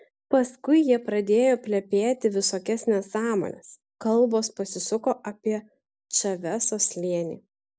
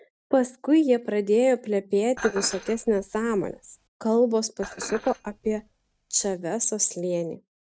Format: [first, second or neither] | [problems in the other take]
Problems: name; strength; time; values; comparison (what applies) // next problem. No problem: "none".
first | noise reduction (neural mask model RNNoise)